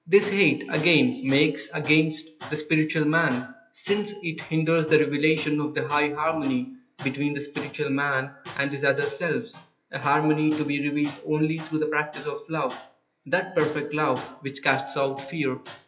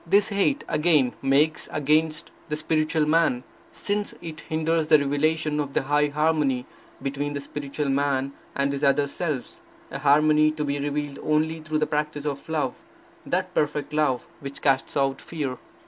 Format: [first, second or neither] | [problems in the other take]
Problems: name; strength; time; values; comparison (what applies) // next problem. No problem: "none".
second | noise reduction (classical method WPE with log-MMSE)